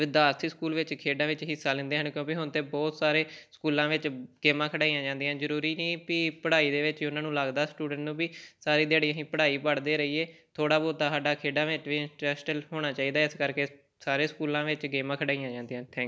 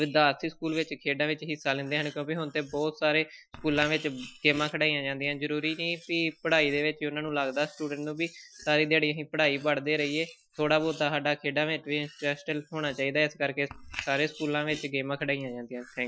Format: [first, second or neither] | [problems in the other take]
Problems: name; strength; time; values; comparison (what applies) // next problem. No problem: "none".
first | noise reduction (classical method Wiener filter)